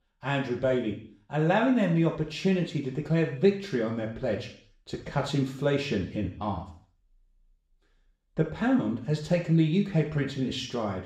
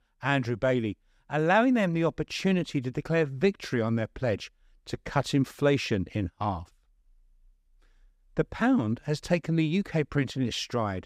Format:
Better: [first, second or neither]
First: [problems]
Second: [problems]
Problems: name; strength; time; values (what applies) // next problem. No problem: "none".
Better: second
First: room echo; slight; dies away in 0.5 s // off-mic speech; somewhat distant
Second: none